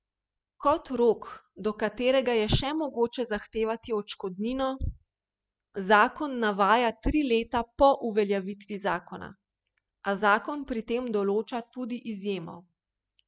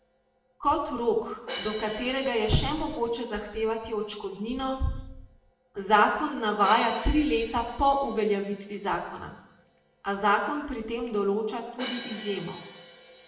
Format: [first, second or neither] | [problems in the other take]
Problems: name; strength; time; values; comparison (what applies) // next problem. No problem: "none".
first | background sound (Crash cymbal); 17 dB below the speech // room echo; dies away in 0.9 s